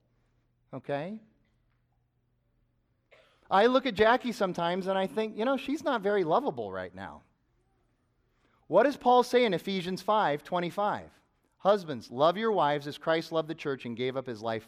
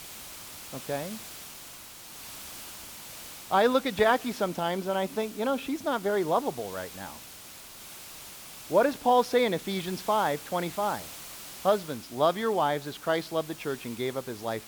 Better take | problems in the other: first | hiss; noticeable; throughout; 15 dB below the speech

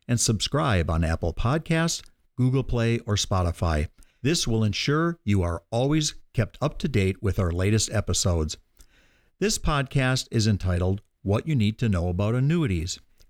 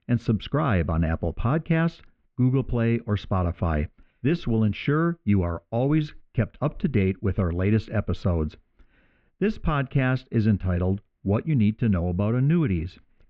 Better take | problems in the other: first | muffled; very; fading above 2.5 kHz

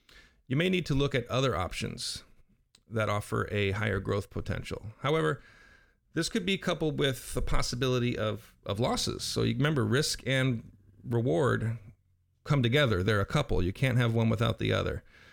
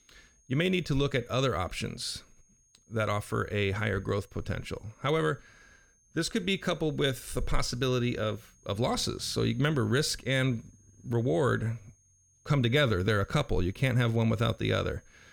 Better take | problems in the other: first | high-pitched whine; faint; throughout; 6.5 kHz, 35 dB below the speech

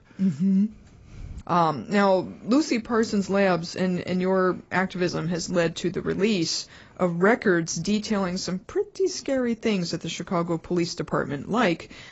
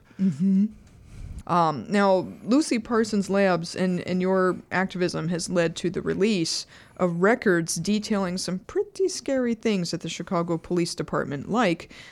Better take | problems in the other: second | garbled, watery; badly; nothing above 7.5 kHz

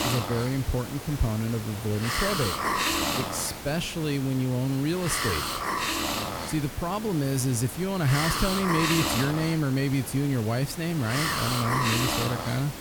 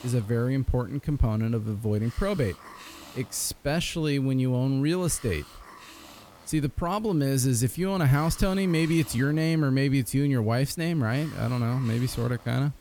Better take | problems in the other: second | hiss; loud; throughout; 2 dB below the speech; faint in the second

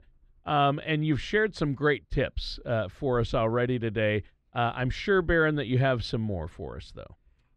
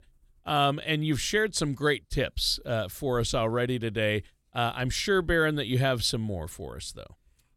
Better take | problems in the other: second | muffled; slightly; fading above 2.5 kHz

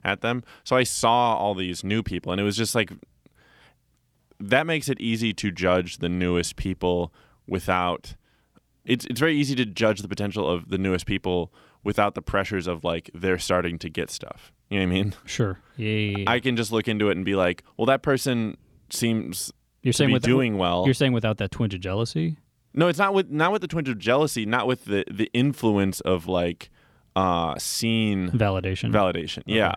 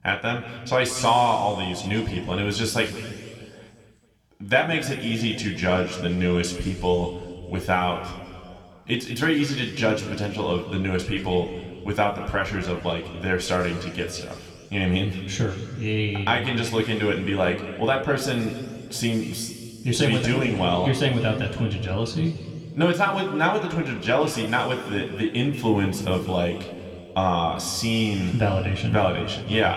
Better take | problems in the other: first | room echo; noticeable; dies away in 2.1 s // off-mic speech; somewhat distant

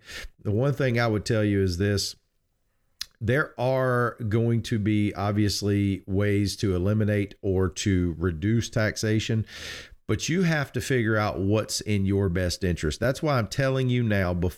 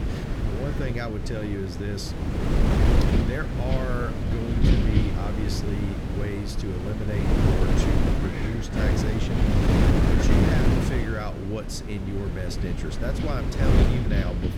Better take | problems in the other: first | wind noise on the microphone; heavy; 3 dB above the speech

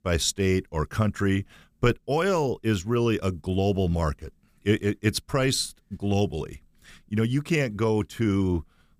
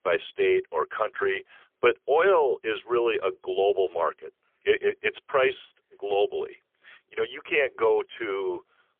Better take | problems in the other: first | phone-call audio; poor line; nothing above 3.5 kHz

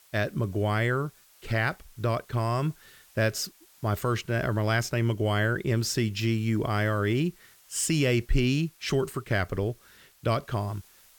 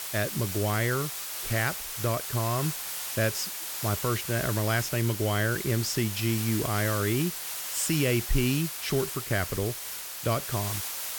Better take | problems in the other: first | hiss; loud; throughout; 4 dB below the speech; faint in the first

